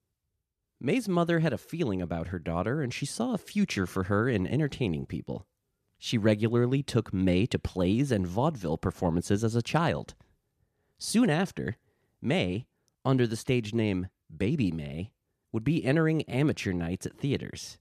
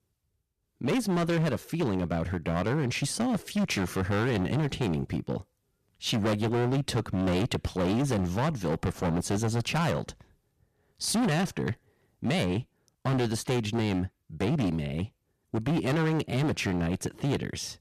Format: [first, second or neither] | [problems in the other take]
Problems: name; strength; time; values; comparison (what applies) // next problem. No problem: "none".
first | distortion; heavy; 19% of the sound clipped